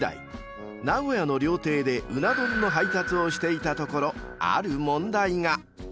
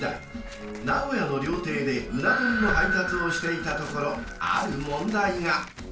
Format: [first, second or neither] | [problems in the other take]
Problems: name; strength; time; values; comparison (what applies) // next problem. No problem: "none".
first | background sound (Tearing); 14 dB below the speech // room echo; dies away in 0.3 s